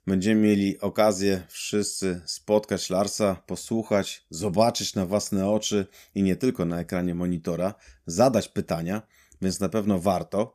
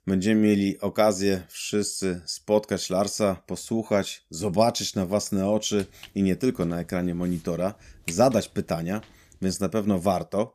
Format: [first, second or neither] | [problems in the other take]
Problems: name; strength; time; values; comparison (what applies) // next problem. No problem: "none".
first | footsteps; faint; from 6 to 8.5 s; peak 10 dB below the speech